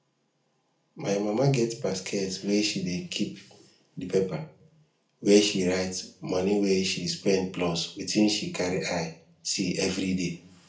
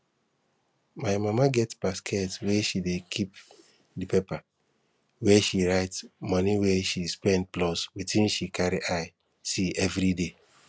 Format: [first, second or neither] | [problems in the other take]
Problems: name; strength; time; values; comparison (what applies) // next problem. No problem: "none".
second | room echo; dies away in 0.4 s